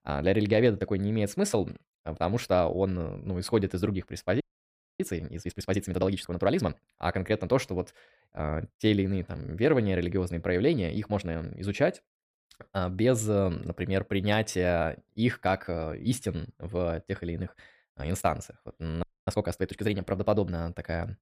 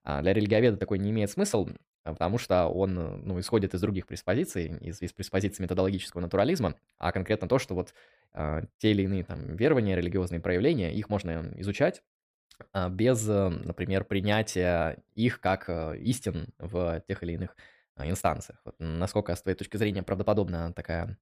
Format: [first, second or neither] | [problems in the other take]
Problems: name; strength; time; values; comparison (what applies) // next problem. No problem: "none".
second | audio freezing; at 4.5 s for 0.5 s and at 19 s